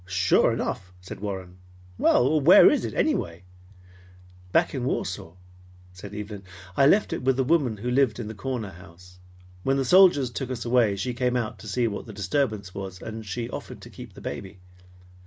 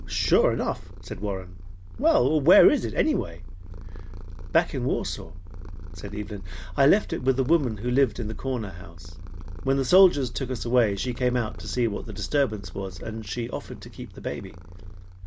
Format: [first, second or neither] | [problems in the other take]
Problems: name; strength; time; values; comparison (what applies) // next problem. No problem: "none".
first | background sound (Purr); 9 dB below the speech